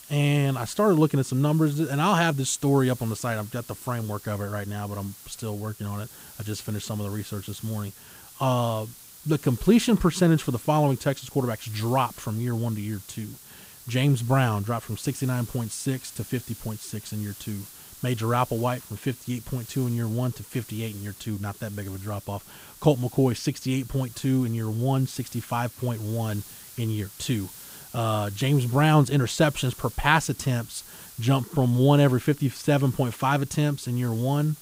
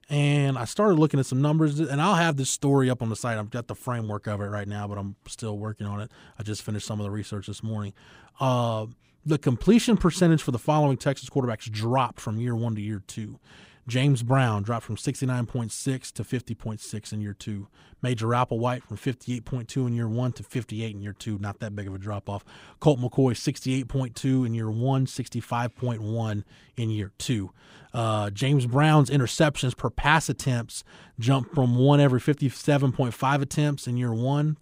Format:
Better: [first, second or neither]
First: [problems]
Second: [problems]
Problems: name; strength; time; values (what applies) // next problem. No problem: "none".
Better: second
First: hiss; noticeable; throughout; 15 dB below the speech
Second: none